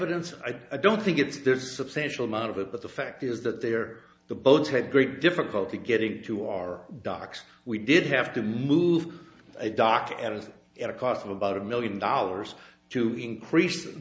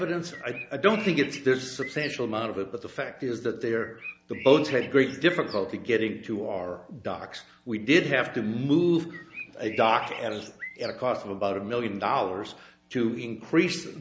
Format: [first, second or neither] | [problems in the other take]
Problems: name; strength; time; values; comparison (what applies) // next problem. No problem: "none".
first | background sound (Bird); 15 dB below the speech